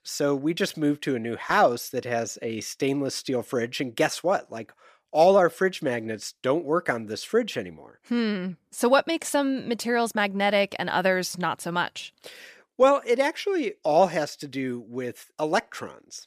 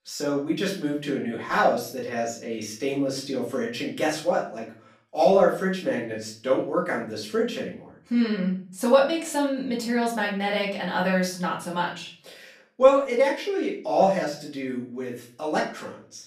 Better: first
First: none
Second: room echo; slight; dies away in 0.4 s // off-mic speech; far

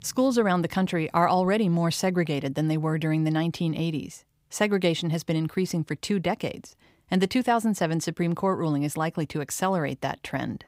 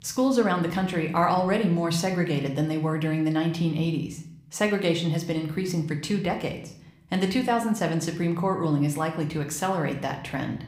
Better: first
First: none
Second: room echo; slight; dies away in 0.5 s

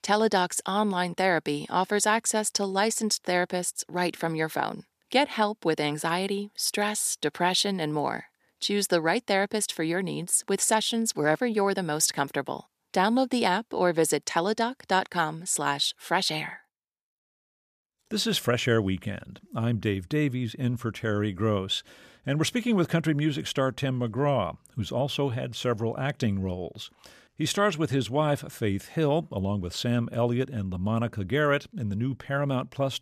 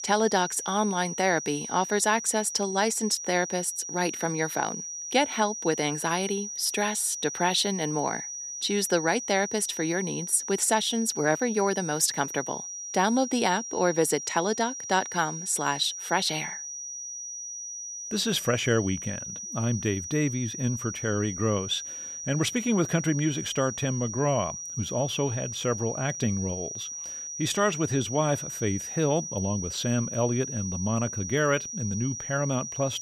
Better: first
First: none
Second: high-pitched whine; loud; throughout; 6 kHz, 7 dB below the speech

